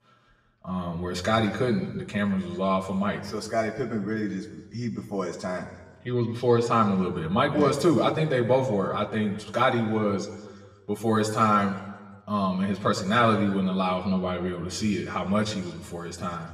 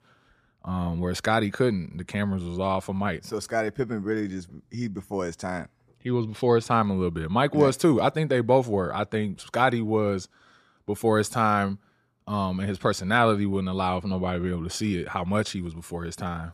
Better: second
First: room echo; slight; dies away in 1.3 s // off-mic speech; somewhat distant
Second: none

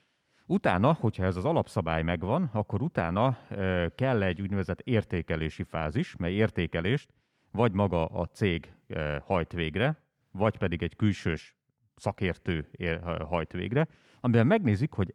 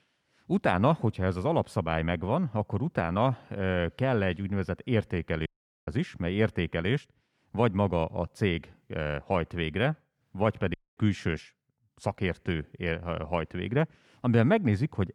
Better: first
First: none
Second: audio cutting out; at 5.5 s and at 11 s

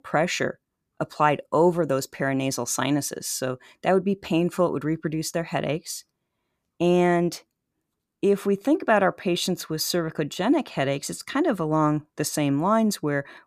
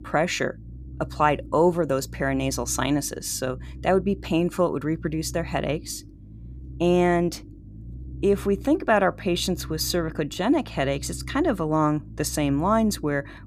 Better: first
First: none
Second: low rumble; faint; throughout; 25 dB below the speech

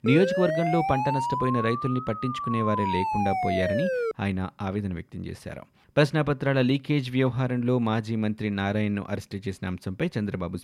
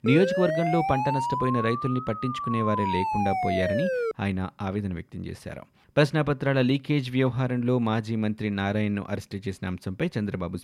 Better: neither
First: siren; loud; until 4 s; peak level with the speech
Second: siren; loud; until 4 s; peak level with the speech

